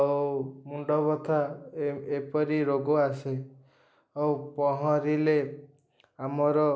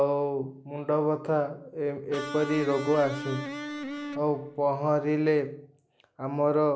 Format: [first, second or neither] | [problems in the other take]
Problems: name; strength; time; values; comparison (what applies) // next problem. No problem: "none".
first | background sound (Electric guitar); 9 dB below the speech